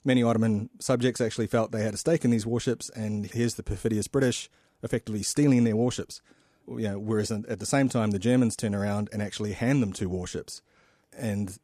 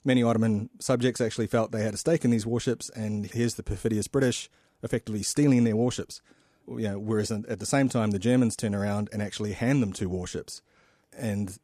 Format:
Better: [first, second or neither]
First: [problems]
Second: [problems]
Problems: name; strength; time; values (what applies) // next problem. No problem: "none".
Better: neither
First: none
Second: none